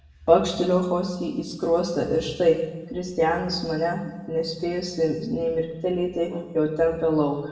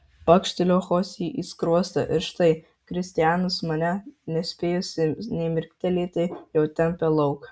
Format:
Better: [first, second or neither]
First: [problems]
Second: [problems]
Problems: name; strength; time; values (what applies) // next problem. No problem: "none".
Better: second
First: room echo; dies away in 1 s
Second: none